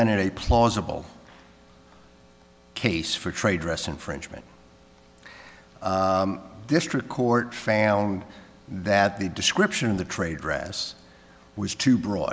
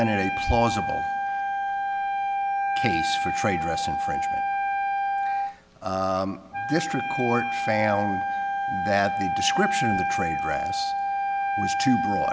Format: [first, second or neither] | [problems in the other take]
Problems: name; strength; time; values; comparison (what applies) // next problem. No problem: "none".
first | background sound (Wind instrument, woodwind instrument); 2 dB above the speech